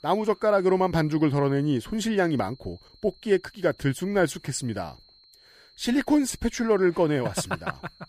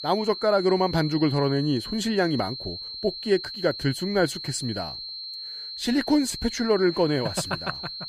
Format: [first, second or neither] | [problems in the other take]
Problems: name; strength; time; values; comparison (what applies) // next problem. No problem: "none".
first | high-pitched whine; loud; throughout; 4 kHz, 8 dB below the speech; faint in the first